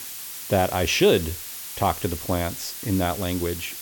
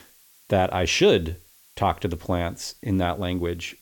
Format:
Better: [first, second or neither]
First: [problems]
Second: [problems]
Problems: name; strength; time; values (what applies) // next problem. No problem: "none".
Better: second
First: hiss; loud; throughout; 9 dB below the speech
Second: hiss; faint; throughout; 30 dB below the speech